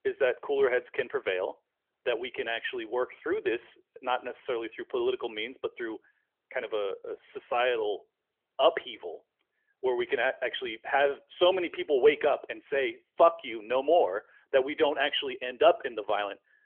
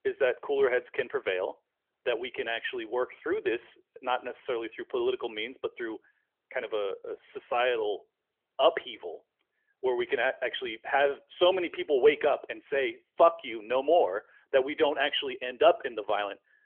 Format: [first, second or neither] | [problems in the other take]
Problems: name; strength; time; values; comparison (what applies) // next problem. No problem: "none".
neither | phone-call audio; nothing above 3.5 kHz; the same in both